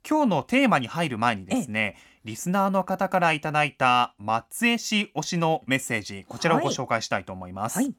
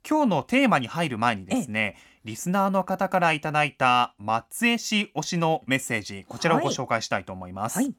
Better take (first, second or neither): neither